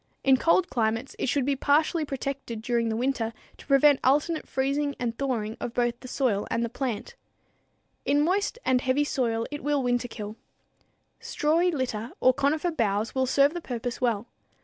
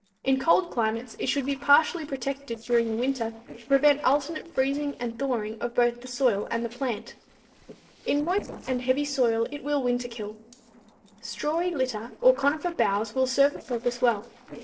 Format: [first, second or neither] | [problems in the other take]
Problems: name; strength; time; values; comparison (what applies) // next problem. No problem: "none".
first | noise reduction (neural separator model SepFormer DNS4)